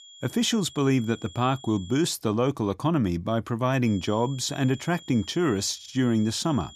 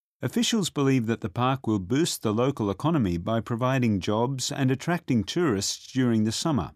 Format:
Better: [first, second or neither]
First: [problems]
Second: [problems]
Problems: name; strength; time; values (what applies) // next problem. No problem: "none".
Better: second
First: high-pitched whine; noticeable; until 2 s and from 4 s on; 3.5 kHz, 20 dB below the speech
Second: none